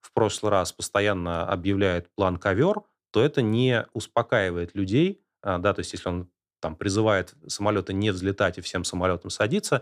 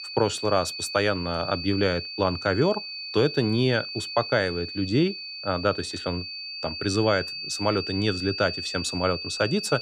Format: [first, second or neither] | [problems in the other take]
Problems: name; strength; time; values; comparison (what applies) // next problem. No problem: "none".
first | high-pitched whine; loud; throughout; 4.5 kHz, 6 dB below the speech